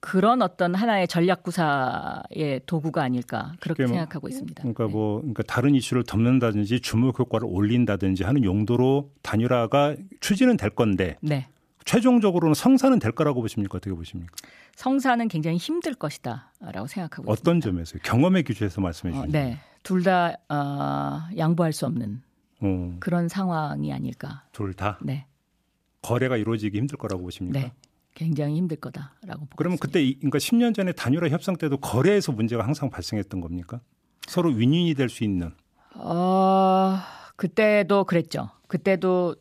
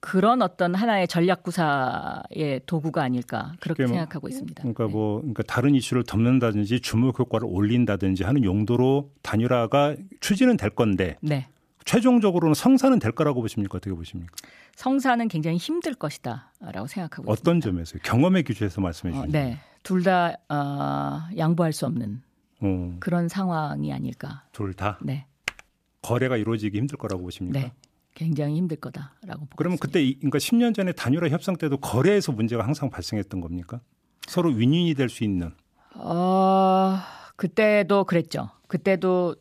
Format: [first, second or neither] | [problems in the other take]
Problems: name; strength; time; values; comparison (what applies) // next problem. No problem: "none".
first | keyboard typing; very faint; at 25 s; peak 9 dB below the speech